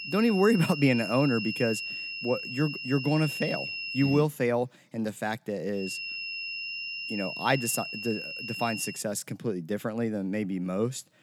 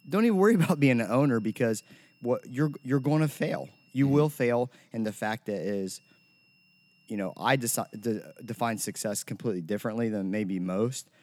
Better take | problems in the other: second | high-pitched whine; loud; until 4 s and from 6 to 9 s; 3 kHz, 5 dB below the speech; faint in the second

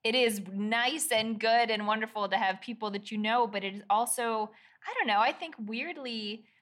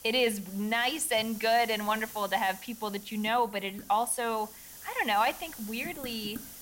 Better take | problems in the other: first | hiss; noticeable; throughout; 15 dB below the speech

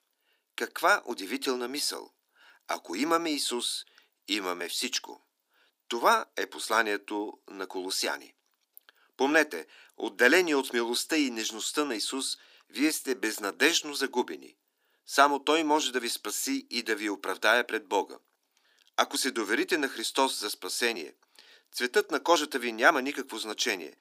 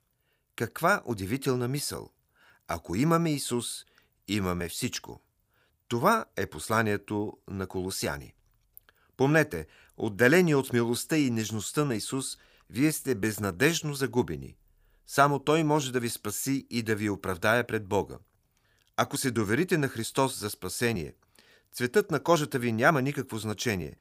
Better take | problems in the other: second | thin; somewhat; fading below 250 Hz

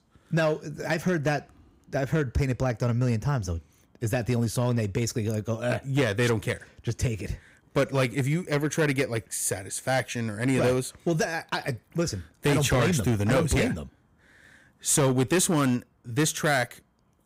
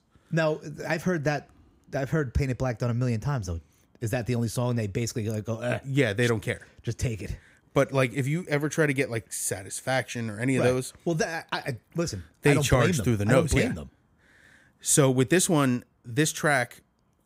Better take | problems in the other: second | distortion; slight; 6% of the sound clipped

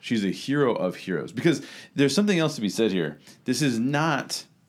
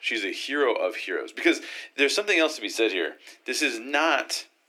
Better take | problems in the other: first | thin; very; fading below 300 Hz

